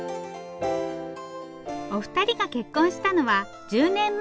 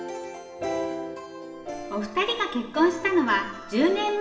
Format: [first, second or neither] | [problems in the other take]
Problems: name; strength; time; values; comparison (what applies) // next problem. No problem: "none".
first | room echo; dies away in 1.1 s